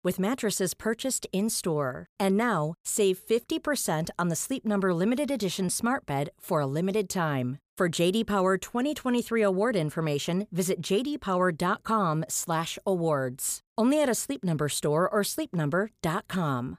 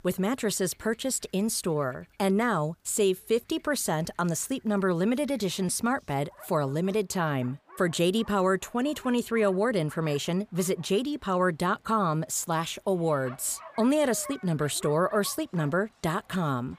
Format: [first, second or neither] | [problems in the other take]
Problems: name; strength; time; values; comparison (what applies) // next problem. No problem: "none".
first | animal sounds; faint; throughout; 20 dB below the speech